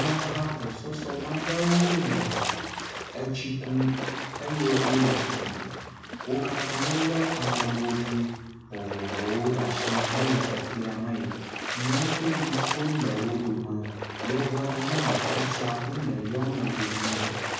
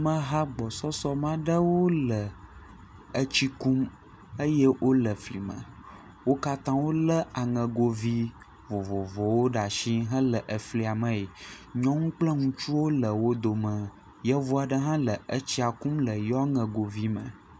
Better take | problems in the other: second | background sound (Splash, splatter); 3 dB below the speech // room echo; dies away in 1.1 s

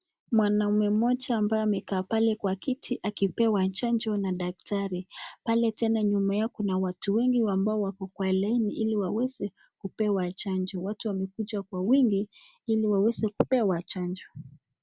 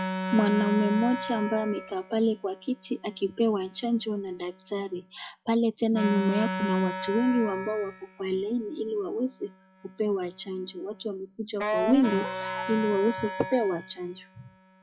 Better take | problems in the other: first | noise reduction (classical method log-MMSE)

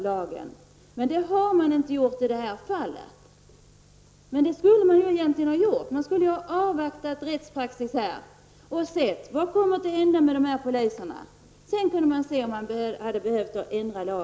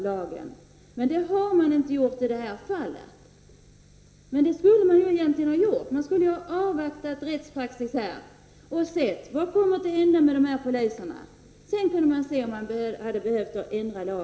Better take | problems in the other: first | room echo; dies away in 1.2 s

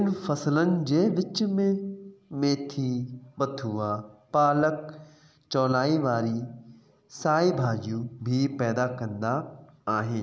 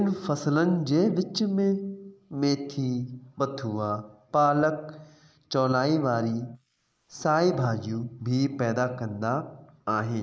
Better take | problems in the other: first | noise reduction (neural mask model Resemble Enhance denoiser)

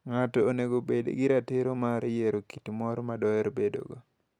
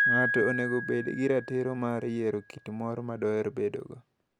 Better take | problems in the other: first | background sound (Piano); 4 dB below the speech

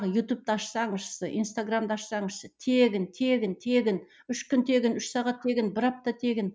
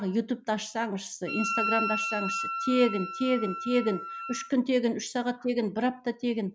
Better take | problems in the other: first | background sound (Wind instrument, woodwind instrument); 5 dB below the speech

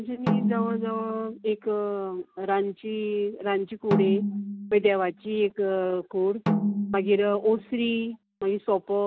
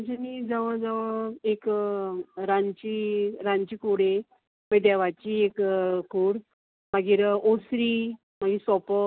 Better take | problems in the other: second | background sound (Snare drum); 4 dB below the speech

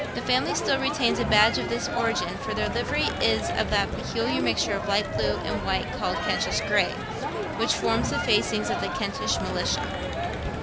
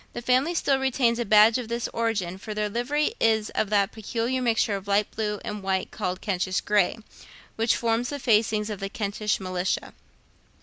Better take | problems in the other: second | background sound (Crowd); 2 dB below the speech

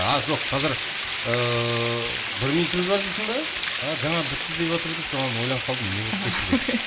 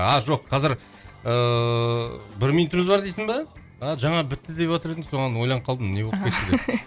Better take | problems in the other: second | background sound (Water); 2 dB below the speech // room echo; dies away in 1 s

